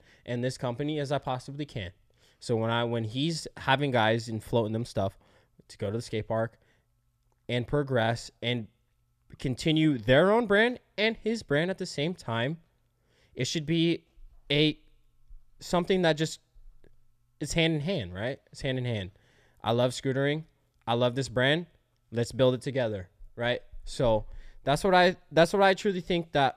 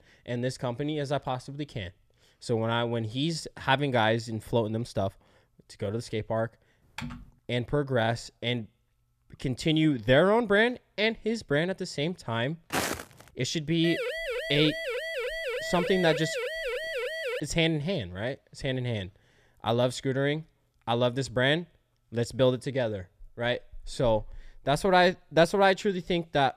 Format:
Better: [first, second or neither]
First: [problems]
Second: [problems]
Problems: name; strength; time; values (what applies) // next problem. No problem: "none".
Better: first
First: none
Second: keyboard typing; faint; at 7 s; peak 10 dB below the speech // footsteps; noticeable; at 13 s; peak 2 dB below the speech // siren; noticeable; from 14 to 17 s; peak 4 dB below the speech